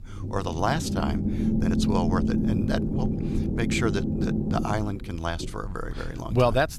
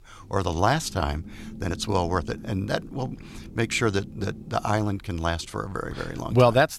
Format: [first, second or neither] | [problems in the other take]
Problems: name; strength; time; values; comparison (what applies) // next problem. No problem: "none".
second | low rumble; loud; throughout; 4 dB below the speech; faint in the second